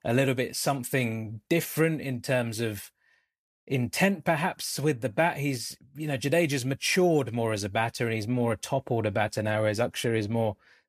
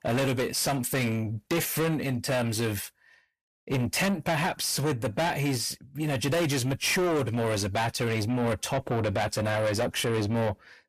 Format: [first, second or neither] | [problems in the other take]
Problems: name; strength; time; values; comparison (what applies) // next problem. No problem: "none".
first | distortion; heavy; 6 dB below the speech